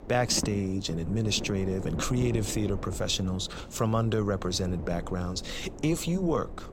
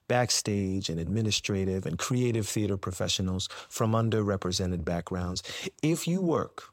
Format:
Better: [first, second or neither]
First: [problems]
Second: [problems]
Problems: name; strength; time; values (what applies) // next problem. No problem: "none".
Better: second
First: wind noise on the microphone; occasional gusts; 15 dB below the speech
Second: none